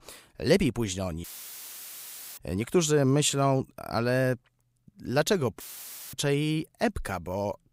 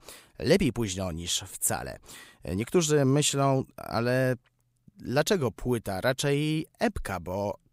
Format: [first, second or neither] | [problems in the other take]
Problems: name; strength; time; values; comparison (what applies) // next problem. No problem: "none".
second | audio cutting out; filled with static; at 1 s for 1 s and at 5.5 s for 0.5 s